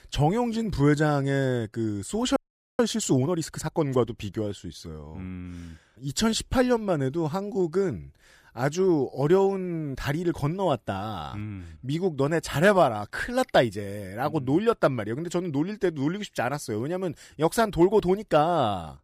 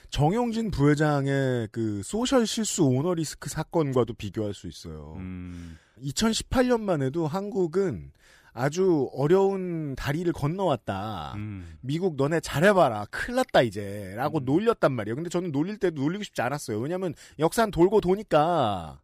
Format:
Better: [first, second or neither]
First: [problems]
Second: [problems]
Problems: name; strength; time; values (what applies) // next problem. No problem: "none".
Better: second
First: audio freezing; at 2.5 s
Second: none